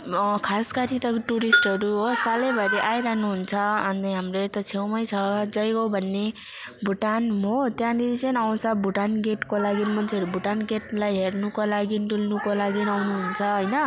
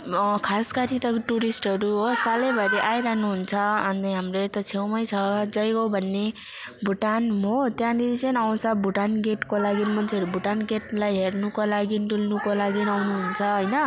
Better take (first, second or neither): second